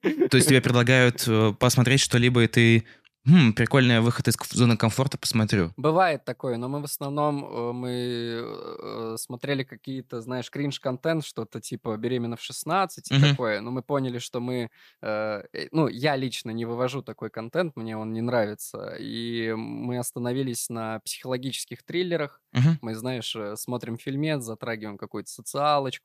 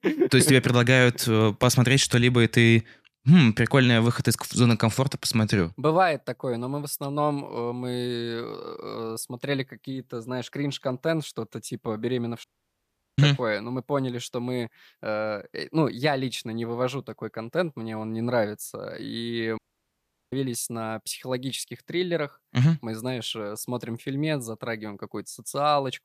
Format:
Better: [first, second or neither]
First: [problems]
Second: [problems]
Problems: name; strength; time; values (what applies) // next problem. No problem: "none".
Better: first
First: none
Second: audio cutting out; at 12 s for 0.5 s and at 20 s for 0.5 s